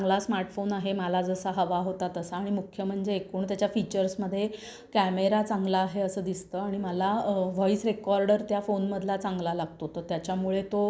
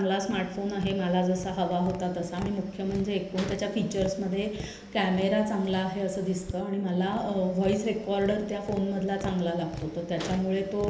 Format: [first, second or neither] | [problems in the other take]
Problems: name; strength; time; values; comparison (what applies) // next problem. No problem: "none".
first | background sound (Tap); 14 dB below the speech // room echo; dies away in 0.8 s